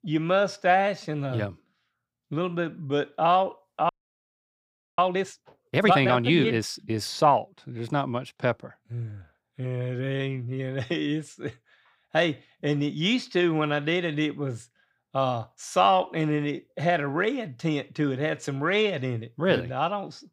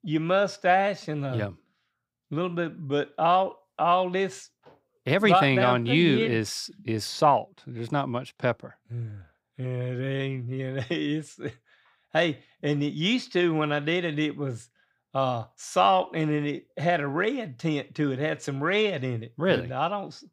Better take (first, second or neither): second